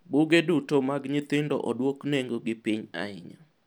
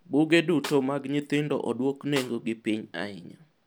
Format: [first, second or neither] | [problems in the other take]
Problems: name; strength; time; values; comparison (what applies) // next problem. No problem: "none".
first | background sound (Snare drum); 17 dB below the speech